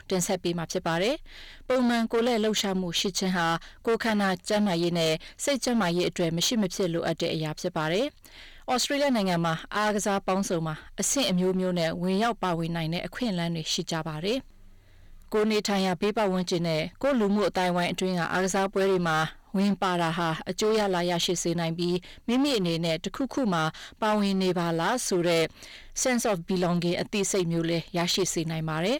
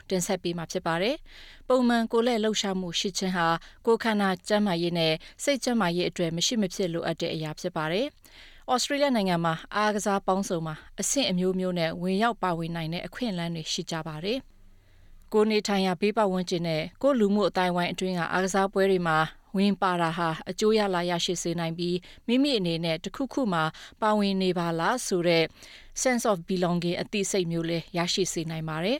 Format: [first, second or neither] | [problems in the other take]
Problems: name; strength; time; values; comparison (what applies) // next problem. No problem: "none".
second | distortion; slight; 12% of the sound clipped